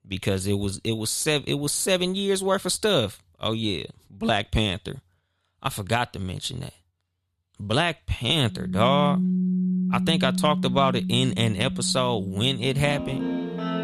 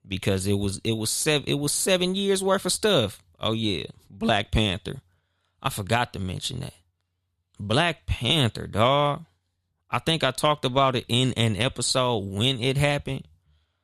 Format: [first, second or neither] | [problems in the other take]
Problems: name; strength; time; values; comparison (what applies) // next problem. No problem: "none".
second | background music; loud; from 9 s on; 3 dB below the speech